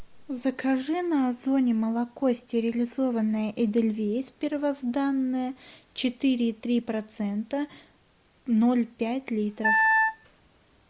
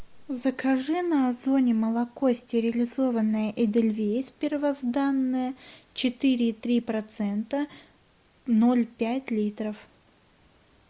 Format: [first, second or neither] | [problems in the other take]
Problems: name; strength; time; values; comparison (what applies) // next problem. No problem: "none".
second | background sound (Wind instrument, woodwind instrument); 3 dB above the speech